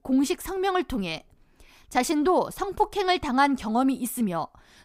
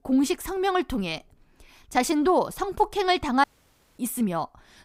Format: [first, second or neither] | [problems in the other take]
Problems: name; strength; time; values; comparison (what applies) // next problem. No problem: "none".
first | audio cutting out; at 3.5 s for 0.5 s